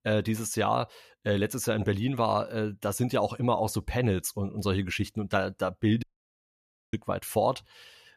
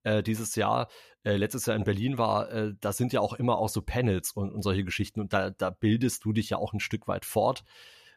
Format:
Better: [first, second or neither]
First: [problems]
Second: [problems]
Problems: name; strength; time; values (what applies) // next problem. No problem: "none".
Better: second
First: audio cutting out; at 6 s for 1 s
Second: none